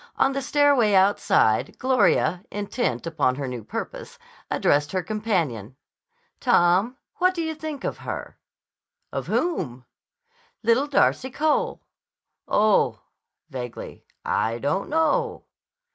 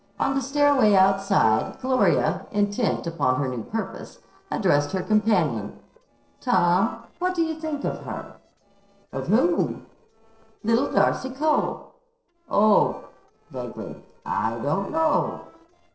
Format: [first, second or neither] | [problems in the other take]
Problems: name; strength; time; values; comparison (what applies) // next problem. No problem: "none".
first | noise reduction (neural separator model SepFormer DNS4)